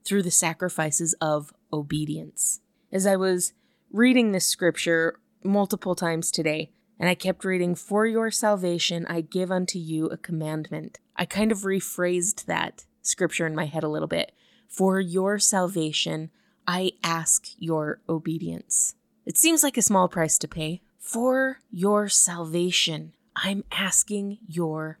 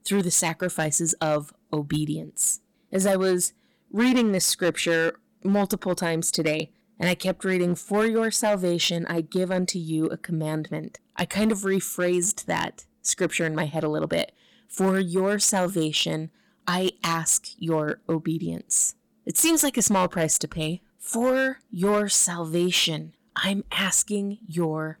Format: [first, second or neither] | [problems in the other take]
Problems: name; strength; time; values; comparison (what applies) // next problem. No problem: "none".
first | distortion; slight; 5% of the sound clipped